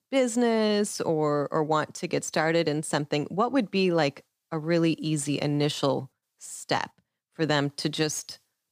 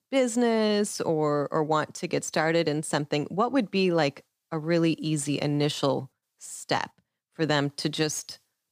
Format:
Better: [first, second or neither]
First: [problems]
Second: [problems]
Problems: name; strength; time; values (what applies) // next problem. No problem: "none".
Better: neither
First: none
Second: none